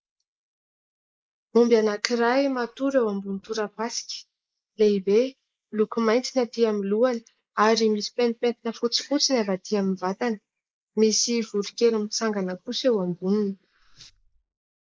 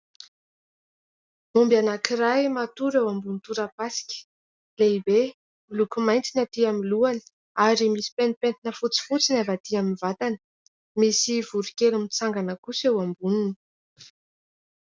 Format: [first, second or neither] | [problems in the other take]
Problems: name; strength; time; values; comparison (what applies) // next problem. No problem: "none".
second | noise reduction (neural mask model Resemble Enhance denoiser)